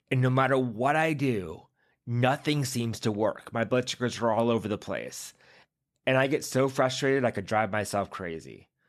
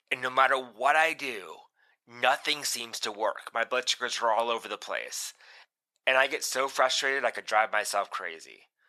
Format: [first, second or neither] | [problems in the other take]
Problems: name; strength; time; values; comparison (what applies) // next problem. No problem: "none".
first | thin; very; fading below 900 Hz